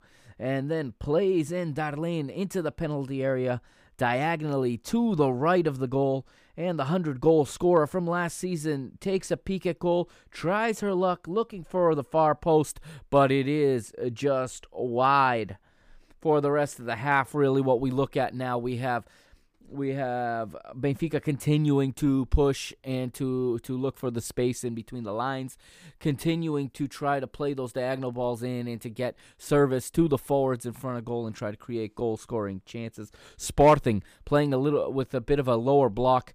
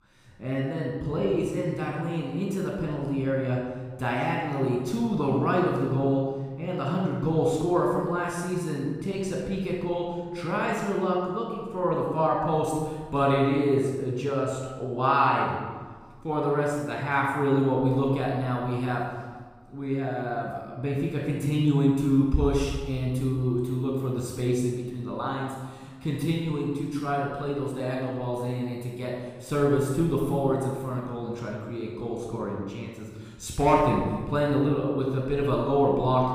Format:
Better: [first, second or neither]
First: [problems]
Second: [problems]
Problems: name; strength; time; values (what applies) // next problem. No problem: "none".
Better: first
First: none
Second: room echo; noticeable; dies away in 1.3 s // off-mic speech; somewhat distant